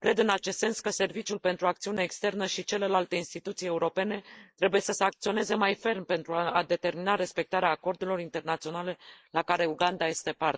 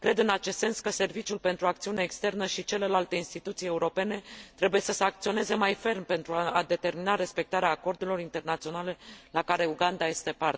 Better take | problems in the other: second | noise reduction (neural mask model Resemble Enhance denoiser)

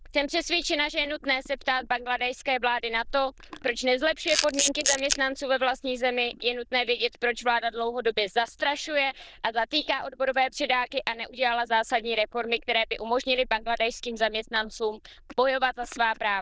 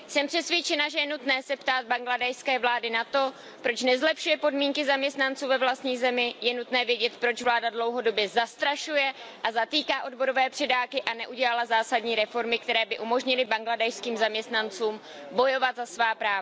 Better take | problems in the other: second | noise reduction (neural diffusion model UNIVERSE++)

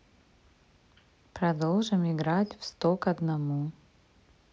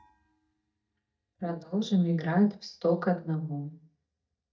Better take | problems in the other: first | noise reduction (neural mask model DeepFilterNet 3)

